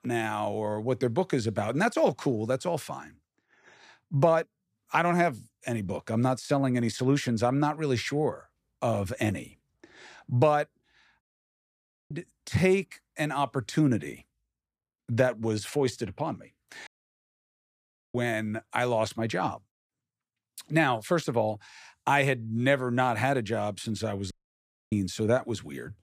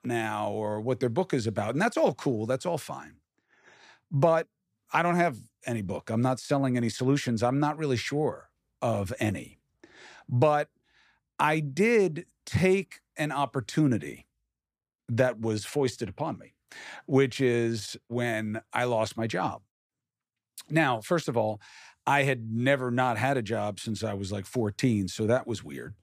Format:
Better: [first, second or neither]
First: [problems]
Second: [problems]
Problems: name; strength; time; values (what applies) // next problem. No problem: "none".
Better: second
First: audio cutting out; at 11 s for 1 s, at 17 s for 1.5 s and at 24 s for 0.5 s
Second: none